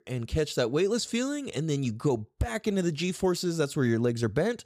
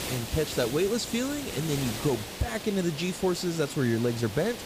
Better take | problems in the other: first | hiss; loud; throughout; 8 dB below the speech

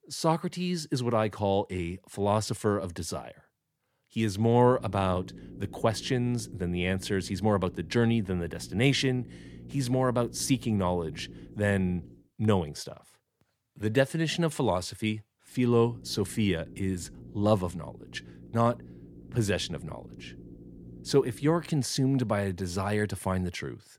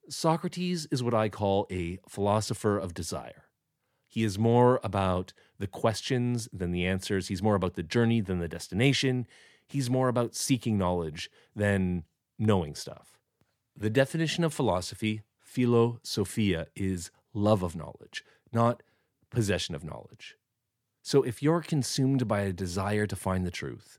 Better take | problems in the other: second | low rumble; faint; from 4.5 to 12 s and from 16 to 22 s; 25 dB below the speech

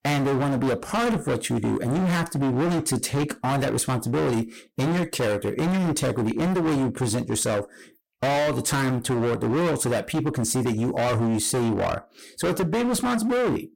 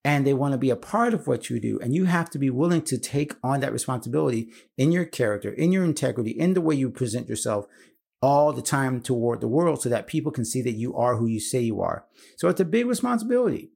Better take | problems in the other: second | distortion; heavy; 33% of the sound clipped

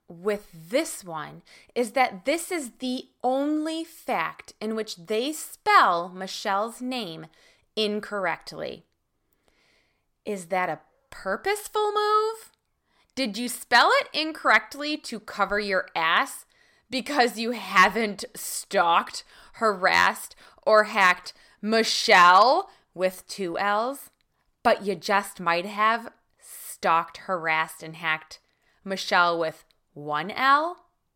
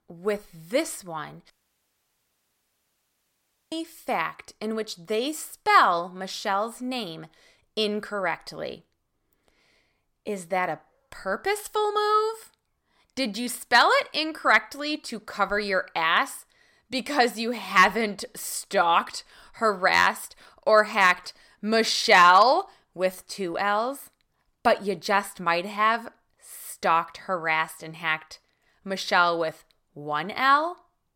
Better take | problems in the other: first | audio cutting out; at 1.5 s for 2 s

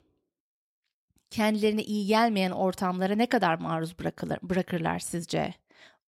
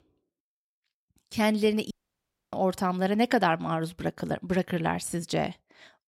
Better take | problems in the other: first | audio cutting out; at 2 s for 0.5 s

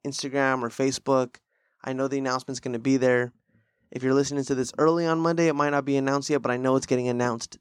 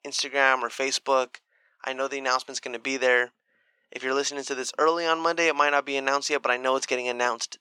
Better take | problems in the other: first | thin; very; fading below 600 Hz

